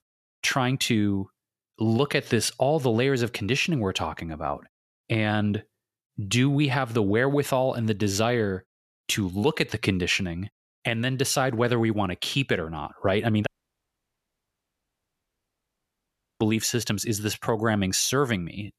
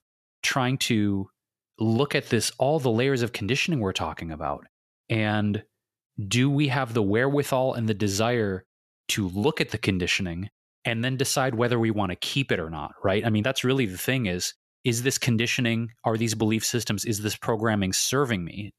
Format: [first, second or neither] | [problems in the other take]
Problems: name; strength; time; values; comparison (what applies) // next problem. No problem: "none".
second | audio cutting out; at 13 s for 3 s